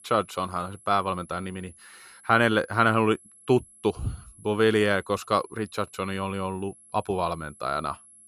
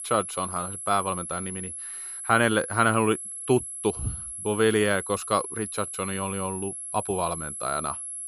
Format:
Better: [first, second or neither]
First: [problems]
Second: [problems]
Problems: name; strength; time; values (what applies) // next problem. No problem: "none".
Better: first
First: high-pitched whine; faint; throughout; 11 kHz, 25 dB below the speech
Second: high-pitched whine; loud; throughout; 11 kHz, 7 dB below the speech